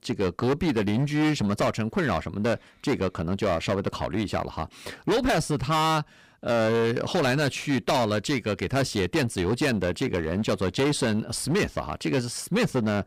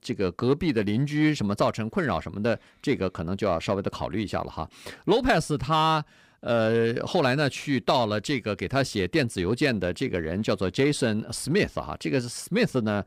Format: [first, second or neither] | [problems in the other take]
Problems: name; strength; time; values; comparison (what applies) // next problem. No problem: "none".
second | distortion; slight; 14% of the sound clipped